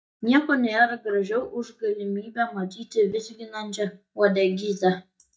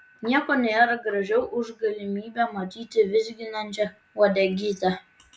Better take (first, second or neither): second